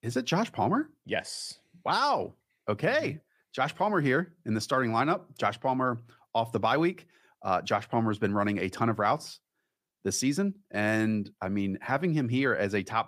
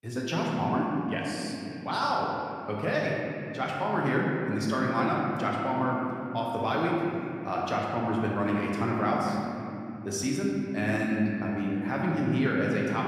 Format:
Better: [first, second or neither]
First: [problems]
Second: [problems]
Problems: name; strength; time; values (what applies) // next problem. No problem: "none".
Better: first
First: none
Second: room echo; noticeable; dies away in 3 s // off-mic speech; somewhat distant